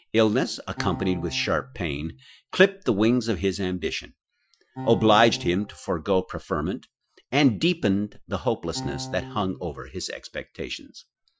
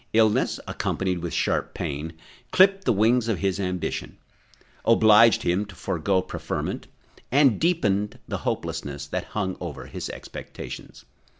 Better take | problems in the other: second | noise reduction (classical method Wiener filter)

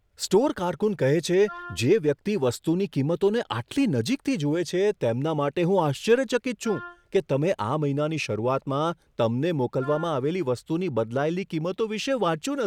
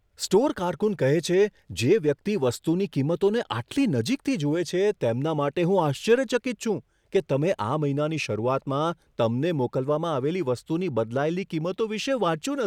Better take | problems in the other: second | background sound (Wind instrument, woodwind instrument); 18 dB below the speech

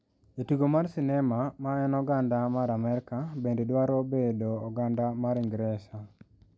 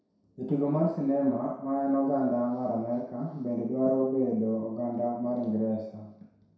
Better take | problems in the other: first | room echo; dies away in 0.7 s

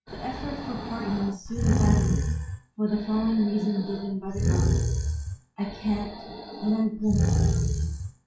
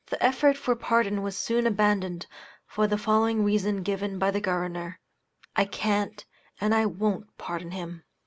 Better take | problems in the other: second | noise reduction (classical method WPE with log-MMSE)

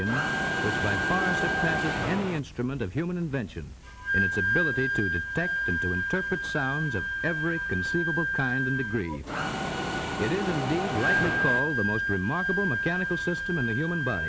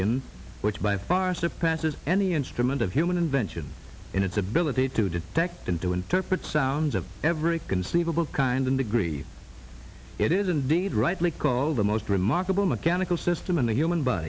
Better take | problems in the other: second | background sound (Wind instrument, woodwind instrument + Mechanisms); 1 dB above the speech

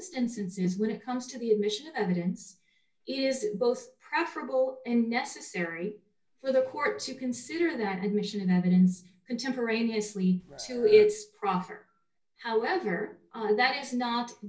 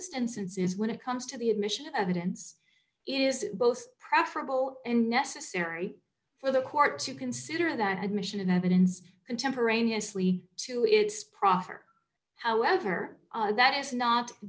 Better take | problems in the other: second | background sound (Burping, eructation); 17 dB below the speech // room echo; dies away in 0.2 s

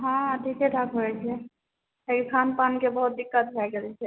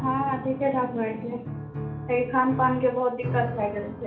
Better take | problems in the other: first | background sound (Piano); 8 dB below the speech // room echo; dies away in 0.4 s

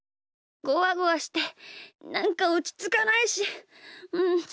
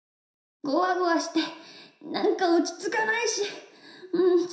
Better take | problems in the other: first | room echo; dies away in 0.7 s

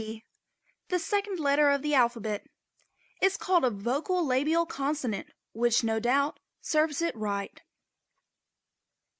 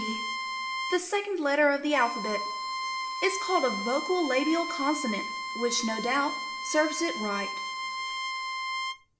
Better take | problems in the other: first | background sound (Bowed string instrument); 4 dB below the speech // room echo; dies away in 0.7 s

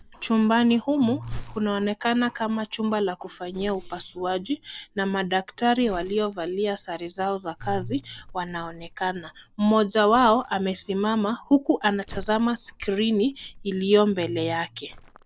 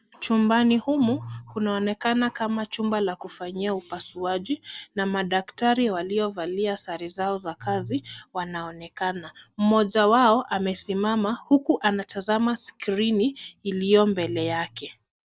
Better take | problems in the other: second | background sound (Crumpling, crinkling); 19 dB below the speech

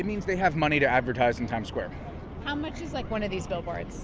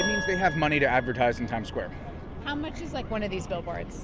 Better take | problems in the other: first | background sound (Keyboard (musical)); 9 dB below the speech

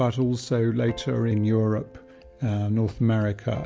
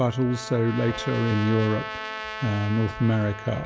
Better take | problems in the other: first | background sound (Trumpet); 11 dB below the speech

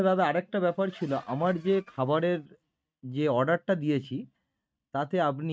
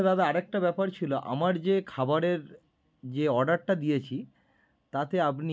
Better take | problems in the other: second | noise reduction (neural mask model RNNoise)

